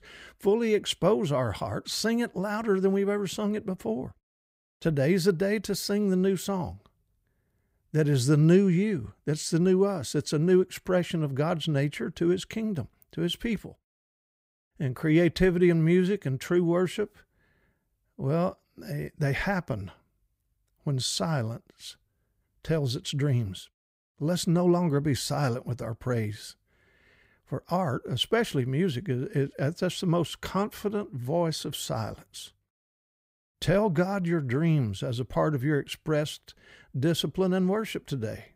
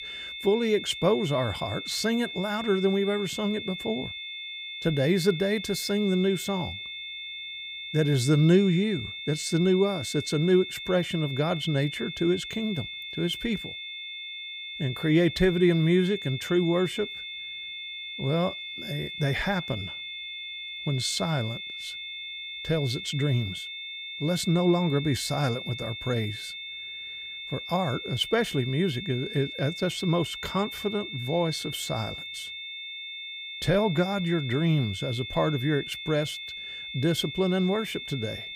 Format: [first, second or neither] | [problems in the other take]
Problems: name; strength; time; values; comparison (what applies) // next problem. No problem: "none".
first | high-pitched whine; loud; throughout; 3.5 kHz, 8 dB below the speech